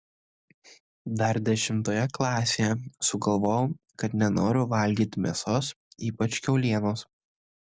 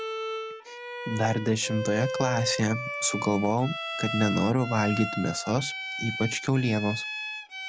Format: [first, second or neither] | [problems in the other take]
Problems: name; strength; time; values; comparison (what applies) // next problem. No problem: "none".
first | background sound (Bowed string instrument); 7 dB below the speech